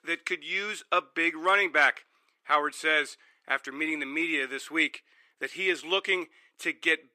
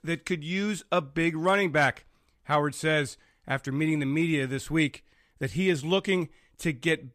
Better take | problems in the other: second | thin; very; fading below 350 Hz

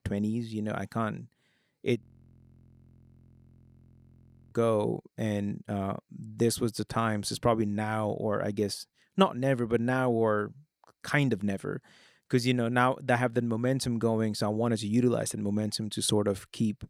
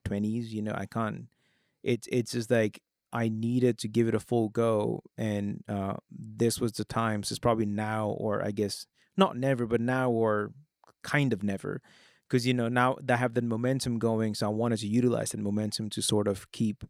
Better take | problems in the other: second | audio freezing; at 2 s for 2.5 s

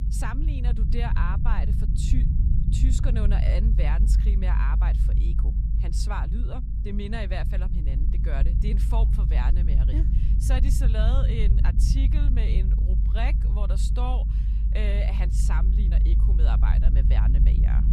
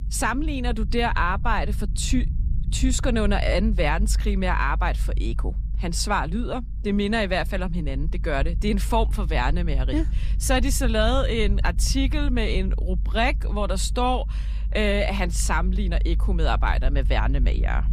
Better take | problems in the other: second | low rumble; loud; throughout; 5 dB below the speech; faint in the second

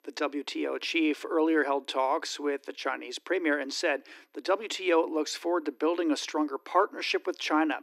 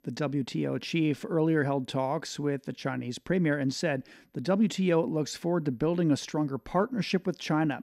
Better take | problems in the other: second | thin; somewhat; fading below 300 Hz

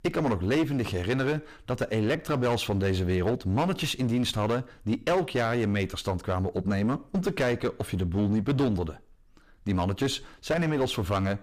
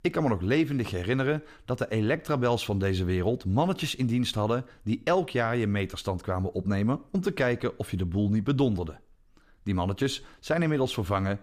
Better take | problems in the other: second | distortion; slight; 14% of the sound clipped

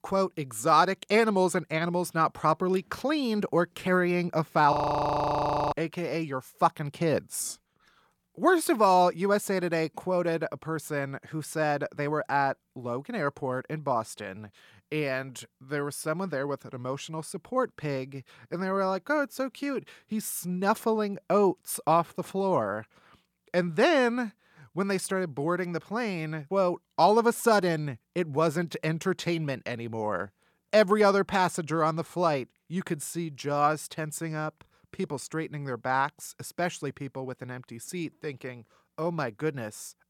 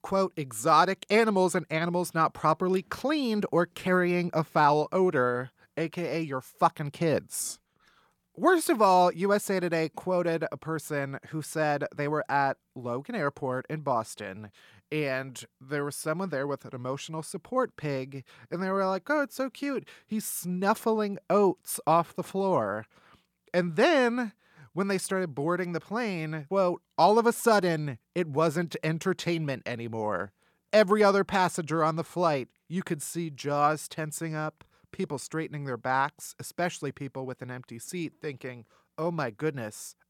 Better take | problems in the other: second | audio freezing; at 4.5 s for 1 s

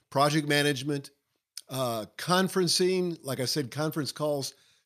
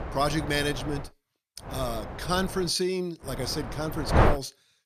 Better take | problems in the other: first | wind noise on the microphone; heavy; until 1 s, from 1.5 to 2.5 s and from 3.5 to 4.5 s; 2 dB below the speech

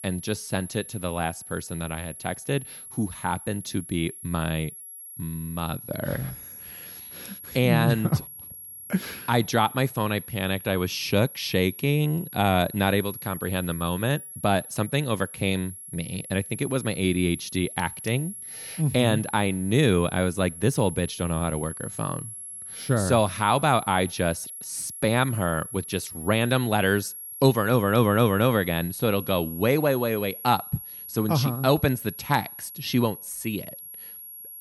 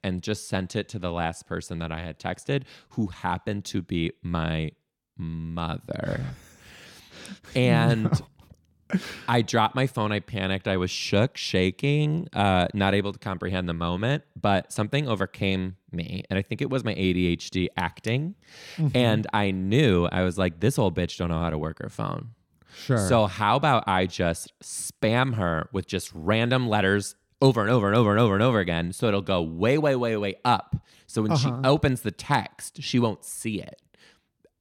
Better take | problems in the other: second | high-pitched whine; noticeable; throughout; 11 kHz, 10 dB below the speech

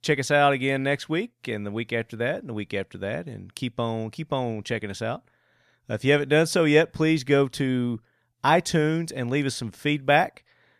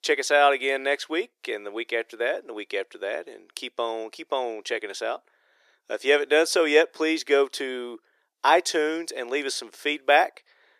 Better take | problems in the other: first | thin; very; fading below 350 Hz

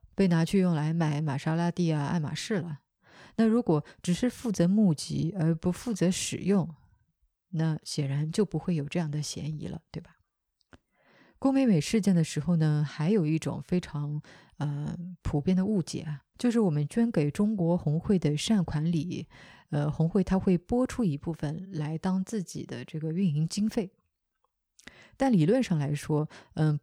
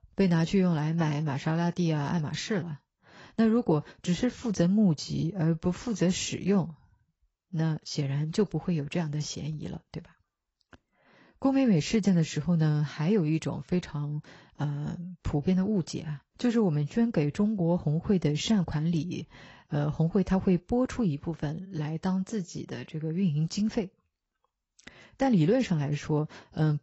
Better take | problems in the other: first | garbled, watery; badly; nothing above 7.5 kHz

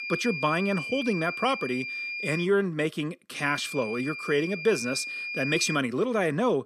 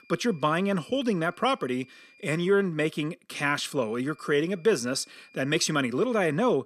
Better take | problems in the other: second | high-pitched whine; loud; until 2.5 s and from 3.5 to 6 s; 2.5 kHz, 5 dB below the speech; faint in the second

